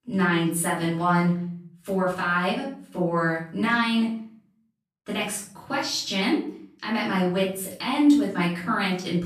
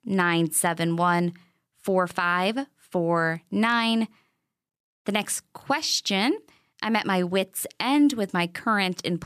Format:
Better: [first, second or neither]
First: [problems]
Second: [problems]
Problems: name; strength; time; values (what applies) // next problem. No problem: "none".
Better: second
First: off-mic speech; far // room echo; noticeable; dies away in 0.7 s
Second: none